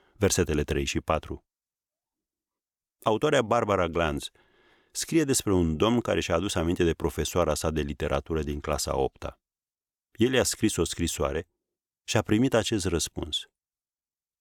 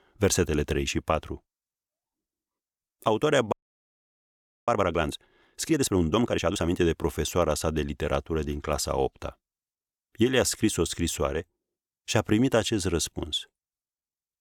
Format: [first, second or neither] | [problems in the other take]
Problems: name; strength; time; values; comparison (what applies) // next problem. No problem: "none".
first | audio freezing; at 3.5 s for 1 s